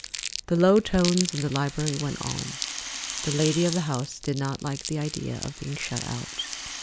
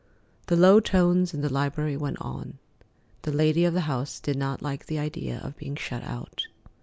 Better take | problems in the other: second | background sound (Rattle (instrument) + Crumpling, crinkling); 8 dB below the speech

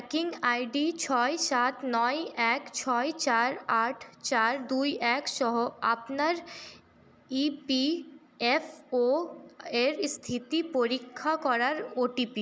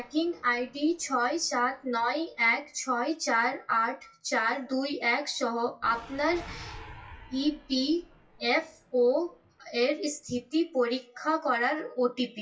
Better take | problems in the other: first | noise reduction (classical method WPE with log-MMSE)

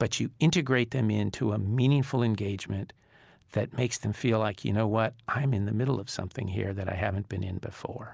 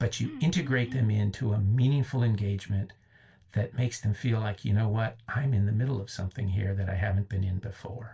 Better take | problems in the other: first | background sound (Cough); 14 dB below the speech // room echo; dies away in 0.2 s

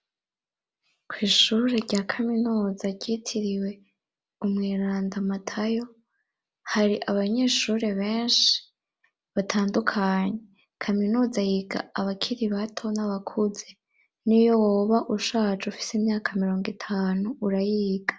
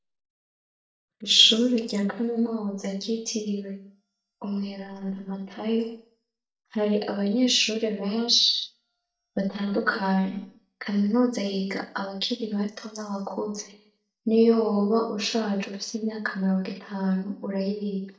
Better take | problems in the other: first | noise reduction (neural mask model DeepFilterNet 3)

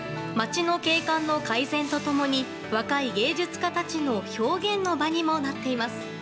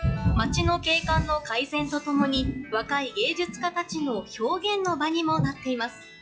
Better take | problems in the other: first | noise reduction (classical method log-MMSE)

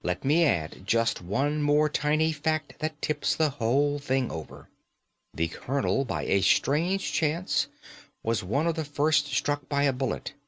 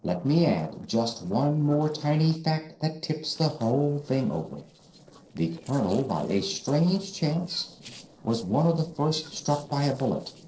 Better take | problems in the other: first | noise reduction (neural separator model SepFormer DNS4)

